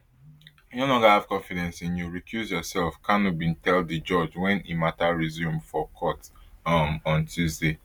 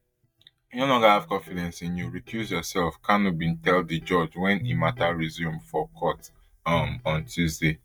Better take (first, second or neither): first